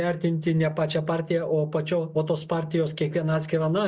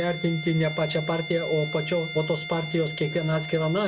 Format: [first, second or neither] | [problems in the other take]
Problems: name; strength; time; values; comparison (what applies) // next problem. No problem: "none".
first | background sound (Bowed string instrument); 10 dB below the speech